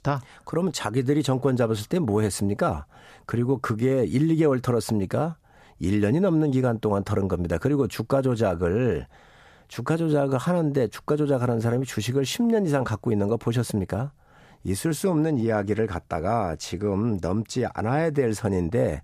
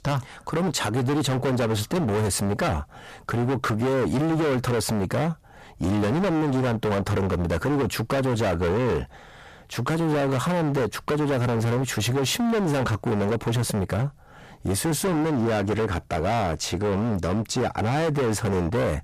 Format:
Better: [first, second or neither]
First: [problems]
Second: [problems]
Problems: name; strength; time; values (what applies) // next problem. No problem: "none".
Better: first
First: none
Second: distortion; heavy; 33% of the sound clipped